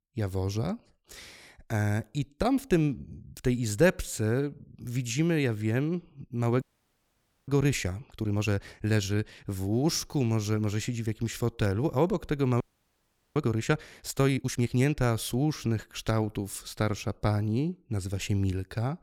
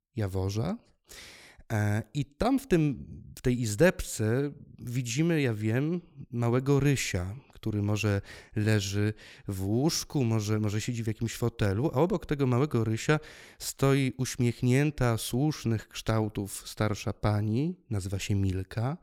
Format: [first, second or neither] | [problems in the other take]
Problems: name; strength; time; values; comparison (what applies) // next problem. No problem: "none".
second | audio freezing; at 6.5 s for 1 s and at 13 s for 1 s